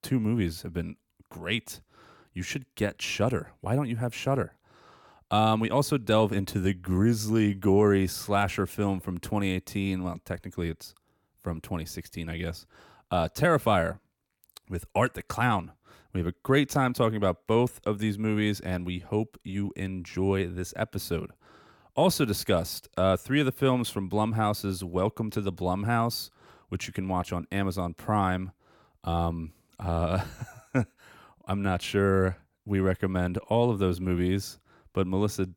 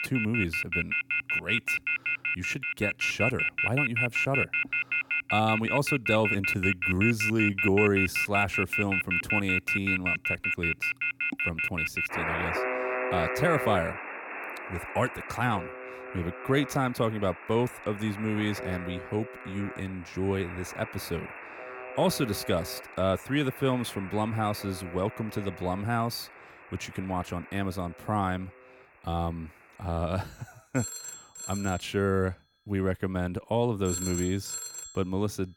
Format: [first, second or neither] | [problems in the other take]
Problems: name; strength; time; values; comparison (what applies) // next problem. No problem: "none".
first | alarms or sirens; very loud; throughout; 1 dB above the speech